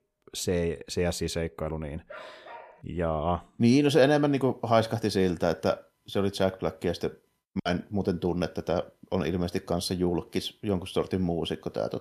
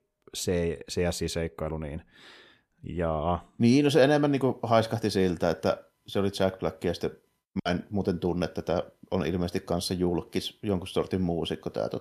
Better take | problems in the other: second | dog barking; faint; at 2 s; peak 15 dB below the speech

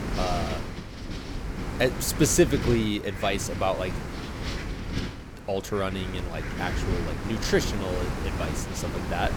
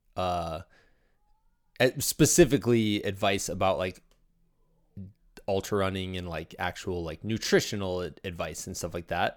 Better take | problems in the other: second | wind noise on the microphone; heavy; 7 dB below the speech

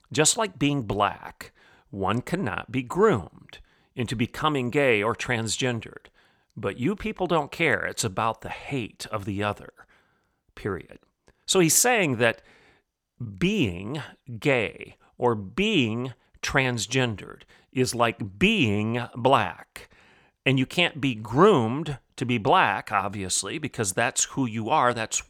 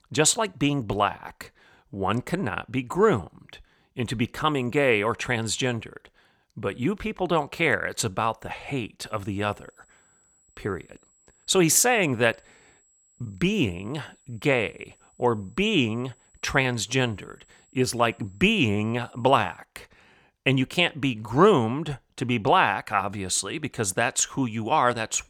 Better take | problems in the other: first | high-pitched whine; faint; from 9 to 20 s; 8 kHz, 35 dB below the speech

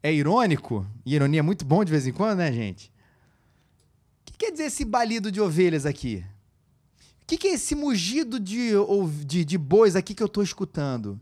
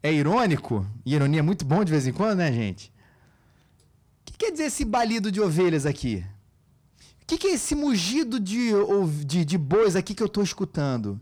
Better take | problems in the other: first | distortion; slight; 10 dB below the speech

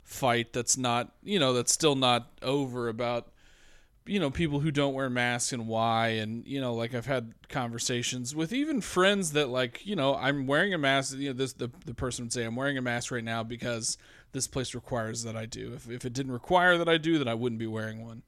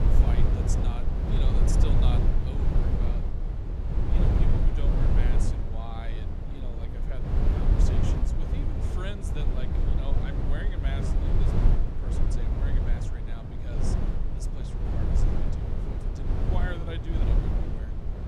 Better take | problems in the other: first | wind noise on the microphone; heavy; 4 dB above the speech

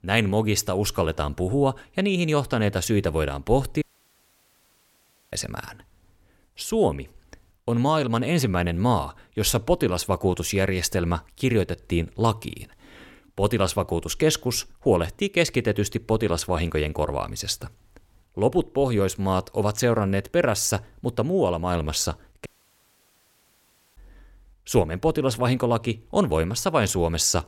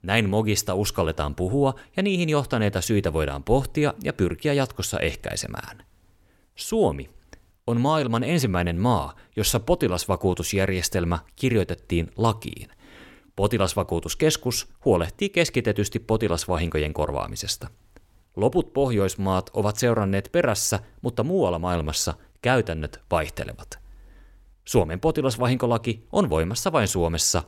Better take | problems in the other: second | audio cutting out; at 4 s for 1.5 s and at 22 s for 1.5 s

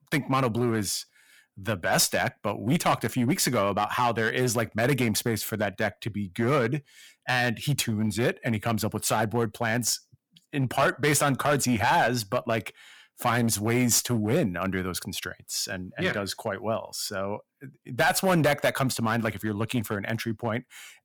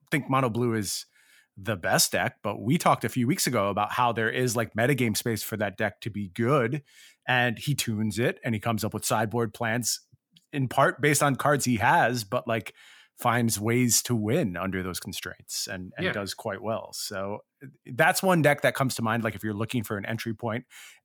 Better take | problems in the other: second | distortion; slight; 5% of the sound clipped

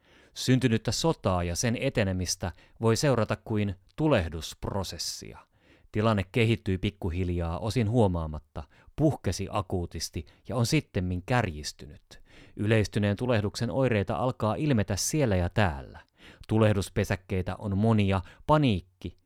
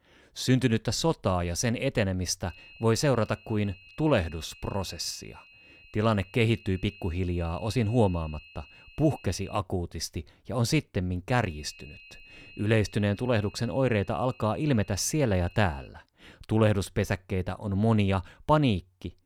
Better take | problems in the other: first | high-pitched whine; faint; from 2.5 to 9.5 s and from 11 to 16 s; 2.5 kHz, 20 dB below the speech

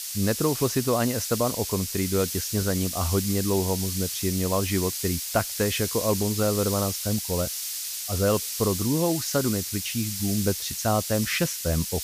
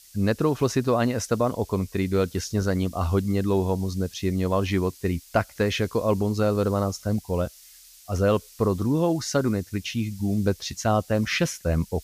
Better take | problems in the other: second | hiss; loud; throughout; 3 dB below the speech; faint in the second

